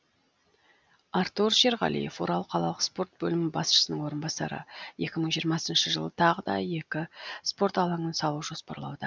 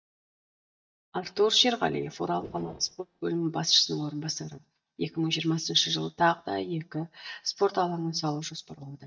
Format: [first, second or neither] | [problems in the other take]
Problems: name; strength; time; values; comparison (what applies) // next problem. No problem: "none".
first | noise reduction (neural mask model DeepFilterNet 3)